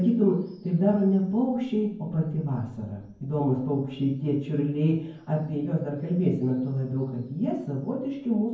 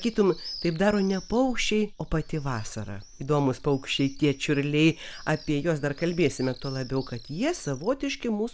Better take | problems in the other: second | room echo; dies away in 0.9 s

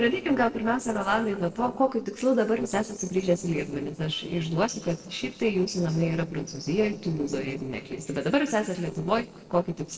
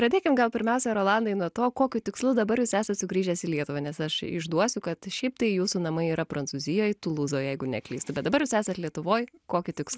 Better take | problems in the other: second | noise reduction (neural separator model SepFormer DNS4)

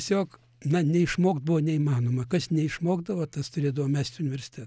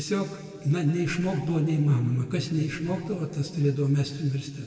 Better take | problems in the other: first | room echo; dies away in 2.2 s

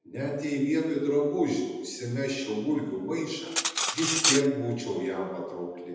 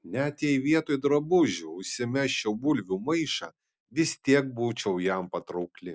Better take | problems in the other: second | background sound (Cutlery, silverware); 1 dB below the speech // room echo; dies away in 1.1 s

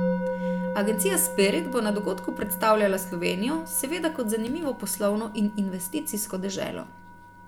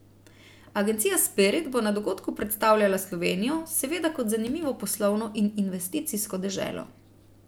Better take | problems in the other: second | background sound (Musical instrument); 7 dB below the speech

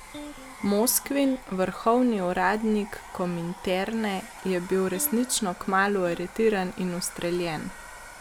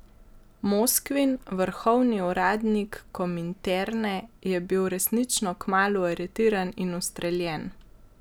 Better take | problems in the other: second | background sound (Domestic sounds, home sounds + Electric guitar); 17 dB below the speech

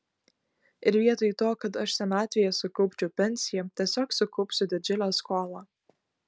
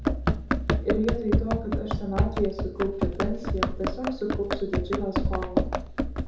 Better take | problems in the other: first | background sound (Run); 4 dB above the speech // room echo; dies away in 2.6 s

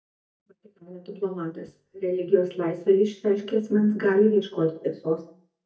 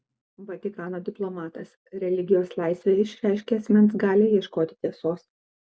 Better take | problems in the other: second | noise reduction (neural mask model DeepFilterNet 3)

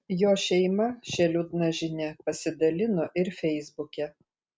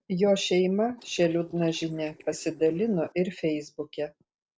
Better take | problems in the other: first | noise reduction (neural separator model SepFormer DNS4)

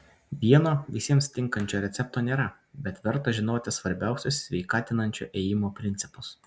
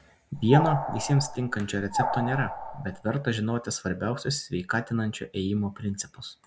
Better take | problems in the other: first | background sound (Animal); 4 dB below the speech

